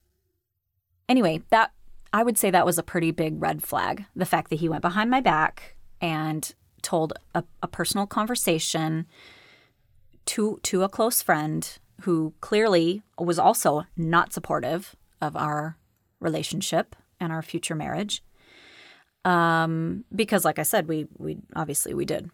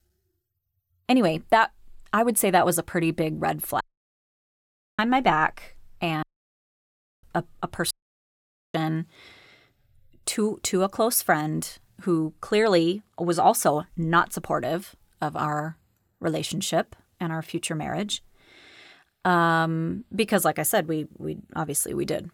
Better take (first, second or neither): first